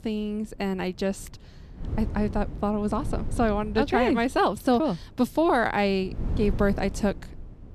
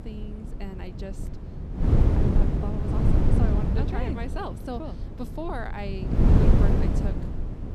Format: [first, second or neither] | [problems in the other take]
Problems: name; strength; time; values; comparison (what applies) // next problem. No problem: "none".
first | wind noise on the microphone; heavy; 4 dB above the speech; occasional gusts in the first